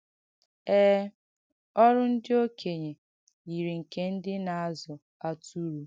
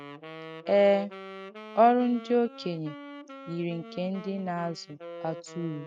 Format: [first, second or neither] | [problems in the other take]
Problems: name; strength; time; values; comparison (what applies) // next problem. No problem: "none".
first | noise reduction (neural mask model RNNoise)